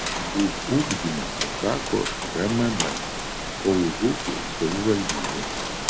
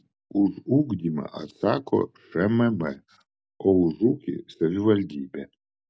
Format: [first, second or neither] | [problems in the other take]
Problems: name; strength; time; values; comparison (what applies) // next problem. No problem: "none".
second | background sound (Rain); 2 dB below the speech